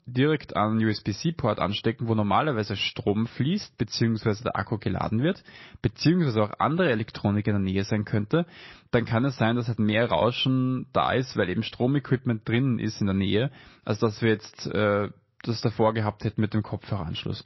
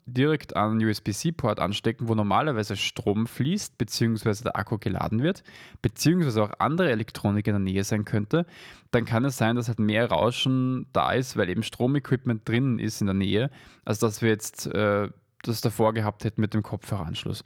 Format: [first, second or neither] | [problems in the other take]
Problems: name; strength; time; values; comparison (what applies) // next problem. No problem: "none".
second | garbled, watery; slightly; nothing above 5.5 kHz